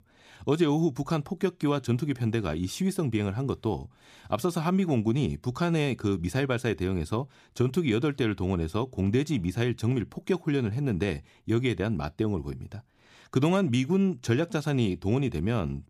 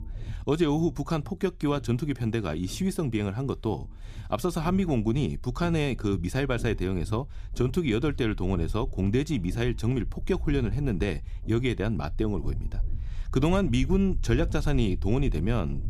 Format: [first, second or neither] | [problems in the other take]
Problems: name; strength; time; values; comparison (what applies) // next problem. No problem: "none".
first | low rumble; faint; throughout; 20 dB below the speech